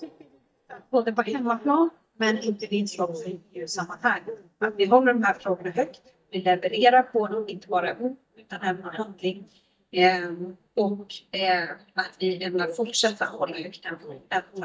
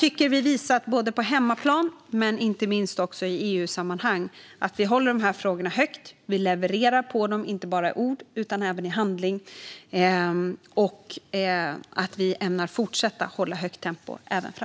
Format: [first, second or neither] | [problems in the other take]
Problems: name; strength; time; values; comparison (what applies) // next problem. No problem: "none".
second | noise reduction (neural mask model DeepFilterNet 3)